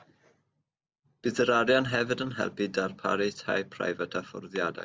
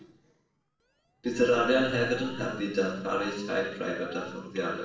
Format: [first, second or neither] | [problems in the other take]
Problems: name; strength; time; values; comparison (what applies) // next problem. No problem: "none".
first | noise reduction (neural separator model SepFormer DNS4)